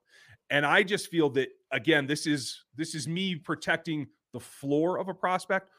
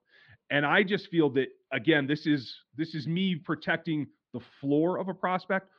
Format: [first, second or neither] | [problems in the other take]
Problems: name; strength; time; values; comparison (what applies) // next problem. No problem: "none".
first | muffled; very slightly; fading above 4 kHz